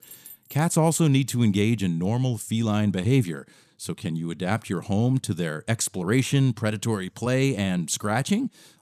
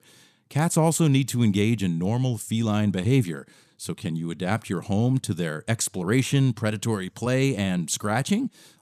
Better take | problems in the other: second | jangling keys; faint; at the start; peak 20 dB below the speech

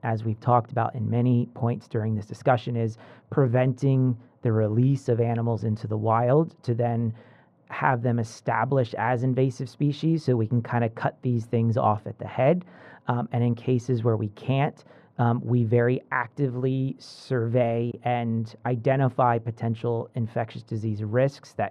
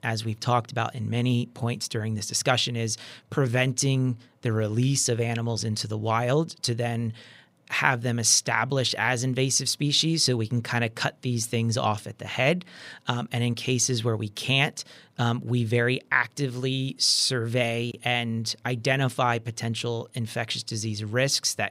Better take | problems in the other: second | muffled; very; fading above 2.5 kHz

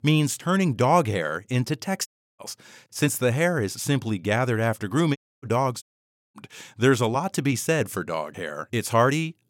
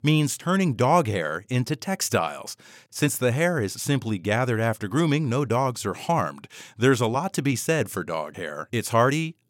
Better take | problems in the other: second | audio cutting out; at 2 s, at 5 s and at 6 s for 0.5 s

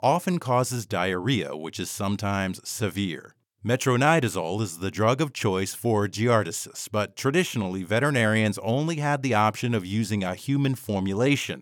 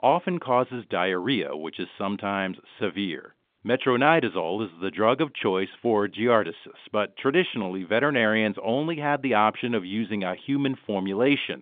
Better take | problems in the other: first | phone-call audio; nothing above 3.5 kHz

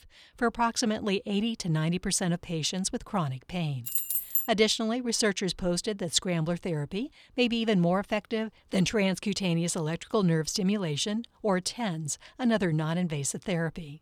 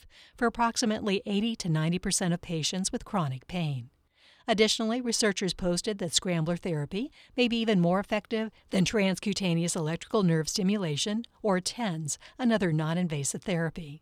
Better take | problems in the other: second | jangling keys; loud; at 4 s; peak 2 dB above the speech

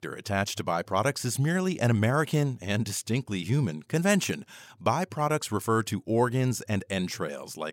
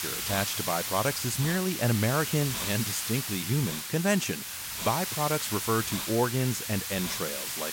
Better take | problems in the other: first | hiss; loud; throughout; 2 dB below the speech

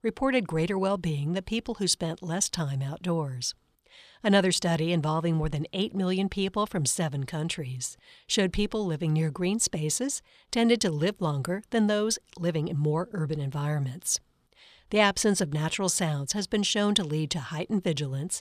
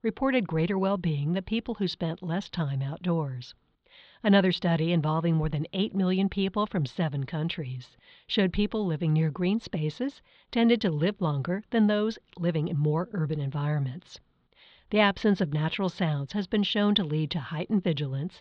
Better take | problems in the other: first | muffled; slightly; fading above 4 kHz

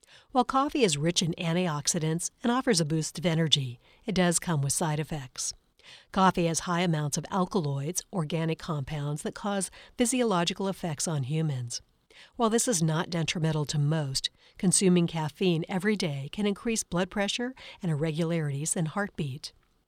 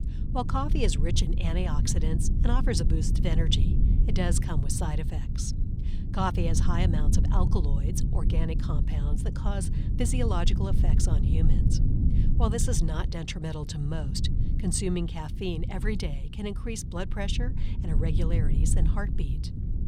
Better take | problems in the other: first | low rumble; loud; throughout; 7 dB below the speech

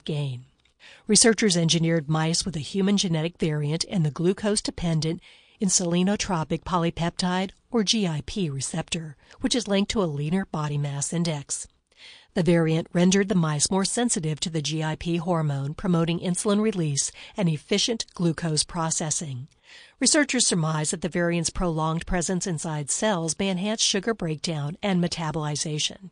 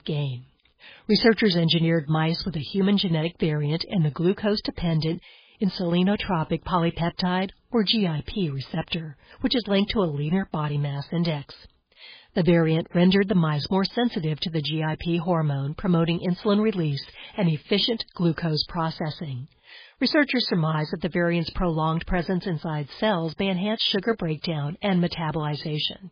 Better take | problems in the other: first | garbled, watery; badly; nothing above 5 kHz; slightly in the first

